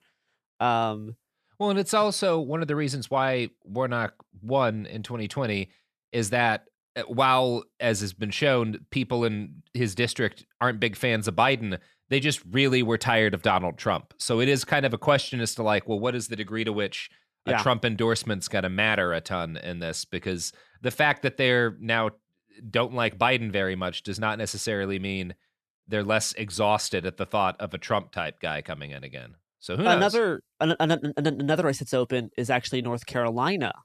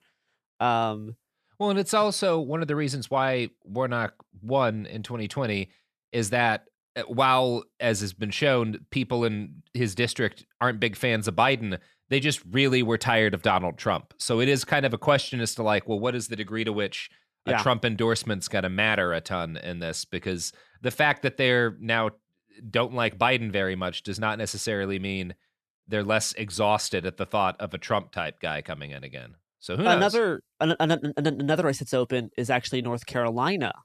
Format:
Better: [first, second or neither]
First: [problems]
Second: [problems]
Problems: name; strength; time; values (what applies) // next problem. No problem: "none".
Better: neither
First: none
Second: none